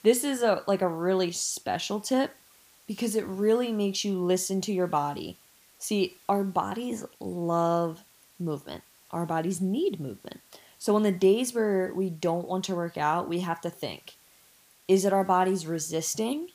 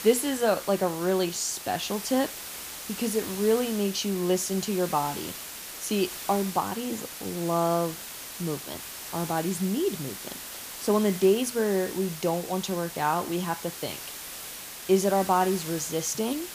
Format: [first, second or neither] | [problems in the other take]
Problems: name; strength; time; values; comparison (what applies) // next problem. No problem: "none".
first | hiss; loud; throughout; 9 dB below the speech; faint in the first